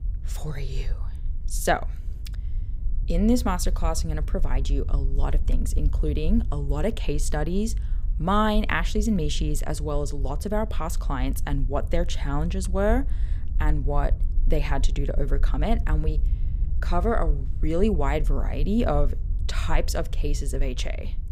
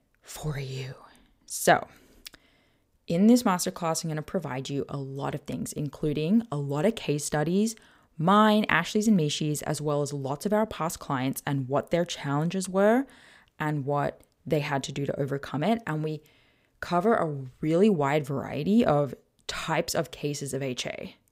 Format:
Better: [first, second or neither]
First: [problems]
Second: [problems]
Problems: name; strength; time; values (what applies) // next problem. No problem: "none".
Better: second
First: low rumble; faint; throughout; 20 dB below the speech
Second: none